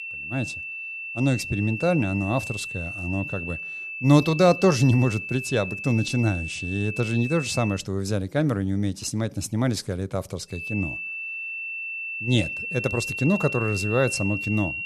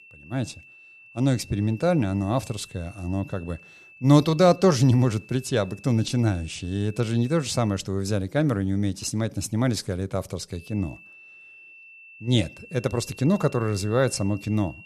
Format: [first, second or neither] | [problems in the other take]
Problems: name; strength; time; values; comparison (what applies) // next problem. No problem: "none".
second | high-pitched whine; loud; until 8 s and from 11 s on; 2.5 kHz, 6 dB below the speech; faint in the second